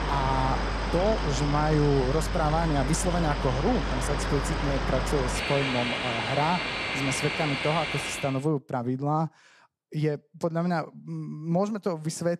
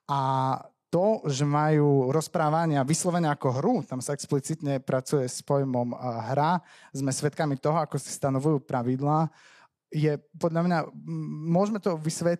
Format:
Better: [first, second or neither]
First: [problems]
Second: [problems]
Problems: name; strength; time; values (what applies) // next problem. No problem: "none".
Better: second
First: train or aircraft noise; loud; until 8.5 s; 1 dB below the speech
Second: none